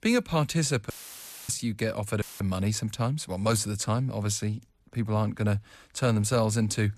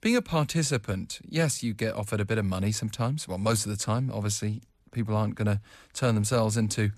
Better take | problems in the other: second | audio cutting out; filled with static; at 1 s for 0.5 s and at 2 s

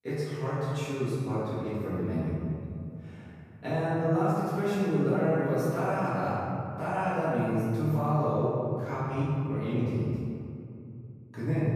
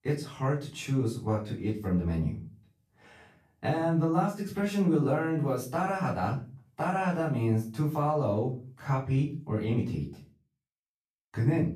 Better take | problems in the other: second | room echo; strong; dies away in 2.4 s; slight in the second // off-mic speech; far; far in the second

